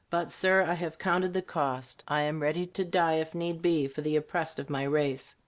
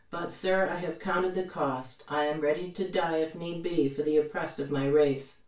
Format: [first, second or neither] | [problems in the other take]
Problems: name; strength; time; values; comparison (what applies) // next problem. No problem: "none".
first | room echo; dies away in 0.2 s